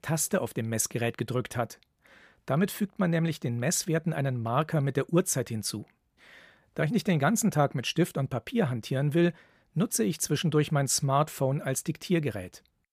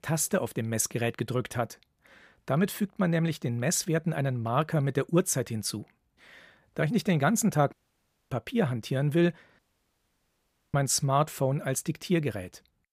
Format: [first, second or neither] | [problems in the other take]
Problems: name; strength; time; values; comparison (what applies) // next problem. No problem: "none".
first | audio cutting out; at 7.5 s for 0.5 s and at 9.5 s for 1 s